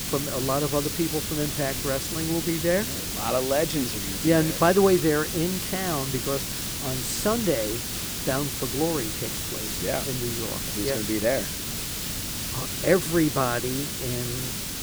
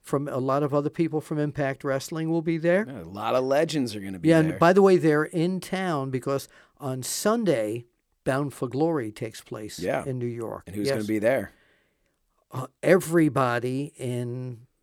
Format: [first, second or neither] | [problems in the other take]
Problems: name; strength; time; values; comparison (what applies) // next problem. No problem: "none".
second | hiss; loud; throughout; 2 dB below the speech